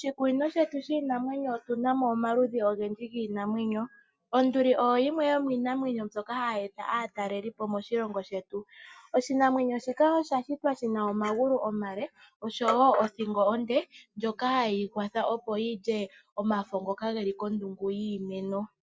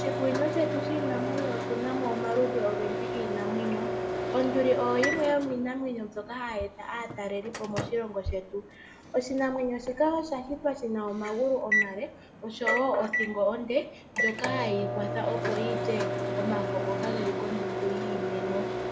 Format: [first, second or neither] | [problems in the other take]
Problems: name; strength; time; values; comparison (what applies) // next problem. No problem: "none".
first | background sound (Microwave oven); 2 dB below the speech // room echo; dies away in 1 s